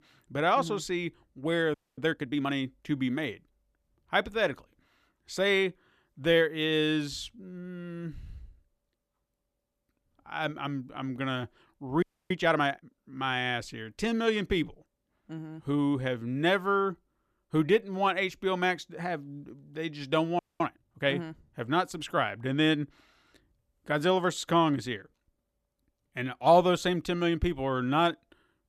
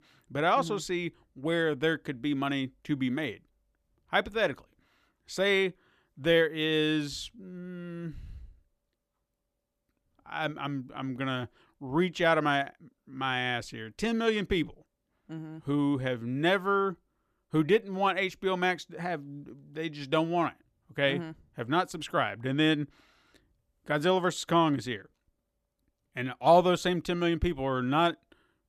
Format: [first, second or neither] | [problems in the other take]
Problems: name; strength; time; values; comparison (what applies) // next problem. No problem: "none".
second | audio freezing; at 1.5 s, at 12 s and at 20 s